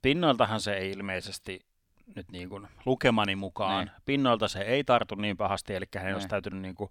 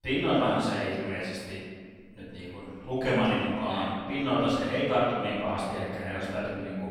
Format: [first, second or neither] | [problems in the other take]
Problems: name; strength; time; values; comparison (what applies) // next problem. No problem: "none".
first | off-mic speech; far // room echo; strong; dies away in 1.7 s